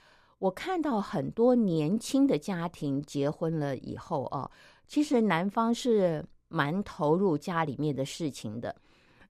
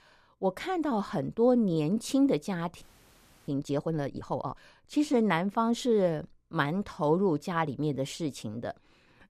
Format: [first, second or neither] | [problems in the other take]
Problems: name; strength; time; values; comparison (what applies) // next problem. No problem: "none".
first | audio freezing; at 3 s for 0.5 s